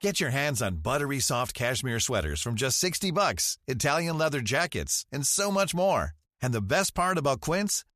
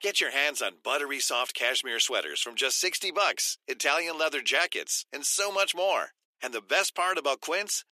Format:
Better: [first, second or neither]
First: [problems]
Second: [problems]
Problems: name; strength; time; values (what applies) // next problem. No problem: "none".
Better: first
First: none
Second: thin; very; fading below 300 Hz